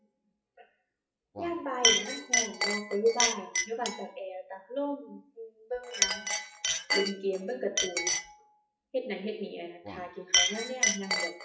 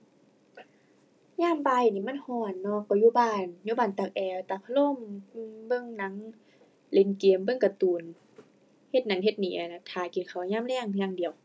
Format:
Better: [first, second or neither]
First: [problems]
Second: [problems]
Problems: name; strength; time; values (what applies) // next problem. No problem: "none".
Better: second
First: noise reduction (classical method WPE with log-MMSE)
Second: none